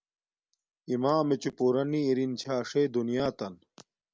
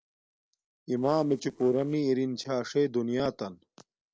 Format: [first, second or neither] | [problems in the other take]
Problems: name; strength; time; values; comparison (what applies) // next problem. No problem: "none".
first | noise reduction (neural separator model SepFormer DNS4)